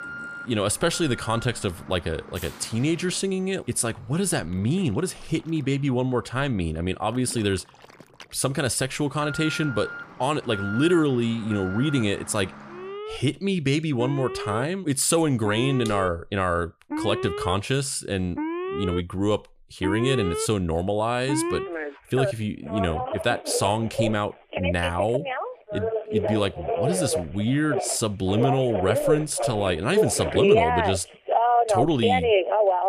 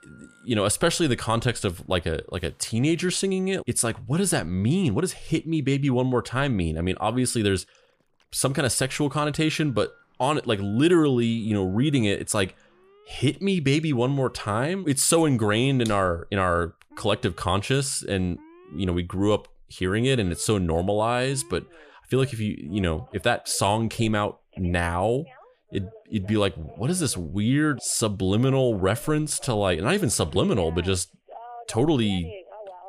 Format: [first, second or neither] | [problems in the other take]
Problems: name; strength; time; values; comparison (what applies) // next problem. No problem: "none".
second | alarms or sirens; loud; throughout; 2 dB below the speech; faint in the second